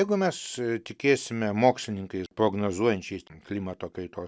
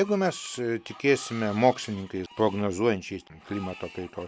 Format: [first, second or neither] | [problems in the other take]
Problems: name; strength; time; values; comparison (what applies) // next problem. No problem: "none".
first | background sound (Screech); 20 dB below the speech